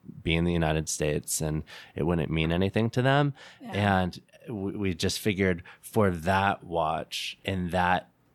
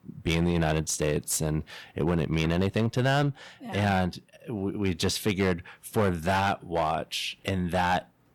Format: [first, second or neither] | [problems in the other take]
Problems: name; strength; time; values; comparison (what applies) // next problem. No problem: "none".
first | distortion; slight; 6% of the sound clipped